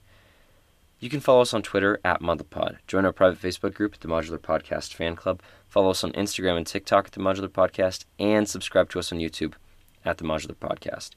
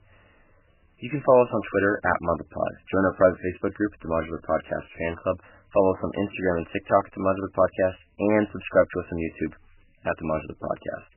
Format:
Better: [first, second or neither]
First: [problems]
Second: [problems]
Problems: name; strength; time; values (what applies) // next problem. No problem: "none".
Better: first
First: none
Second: garbled, watery; badly; nothing above 3 kHz